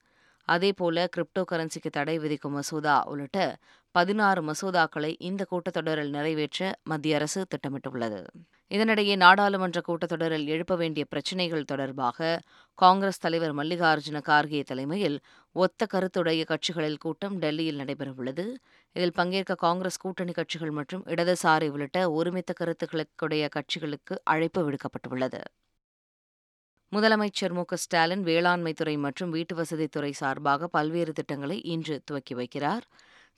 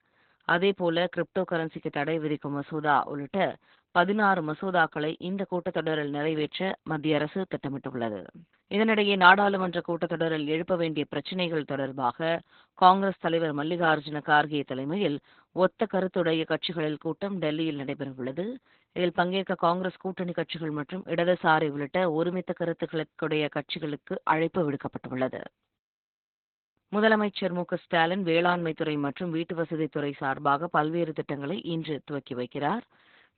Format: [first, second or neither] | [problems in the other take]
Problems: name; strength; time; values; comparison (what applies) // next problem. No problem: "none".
first | garbled, watery; badly; nothing above 4 kHz